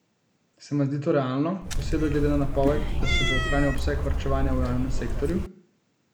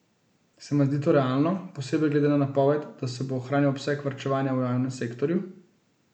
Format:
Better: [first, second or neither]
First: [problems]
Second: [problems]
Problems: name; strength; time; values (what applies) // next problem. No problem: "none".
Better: second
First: background sound (Cat); 2 dB above the speech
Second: none